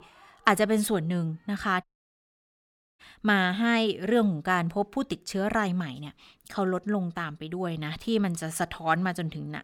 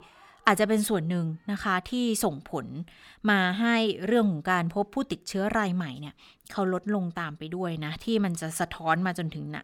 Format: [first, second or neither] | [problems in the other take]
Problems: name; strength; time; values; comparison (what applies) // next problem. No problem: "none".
second | audio cutting out; at 2 s for 1 s